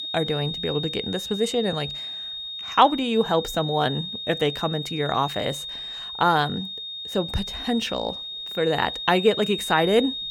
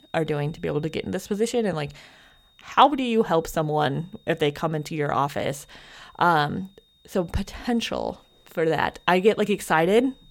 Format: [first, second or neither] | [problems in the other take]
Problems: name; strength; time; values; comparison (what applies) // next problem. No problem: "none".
second | high-pitched whine; loud; throughout; 3.5 kHz, 6 dB below the speech; faint in the second